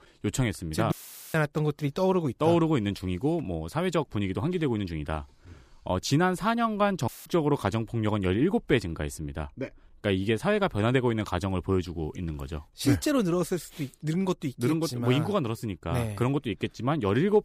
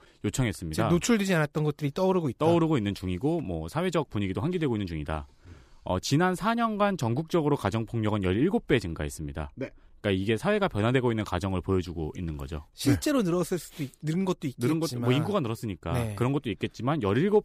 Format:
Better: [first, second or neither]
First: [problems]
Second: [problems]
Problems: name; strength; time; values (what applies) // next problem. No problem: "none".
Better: second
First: audio cutting out; filled with static; at 1 s and at 7 s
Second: none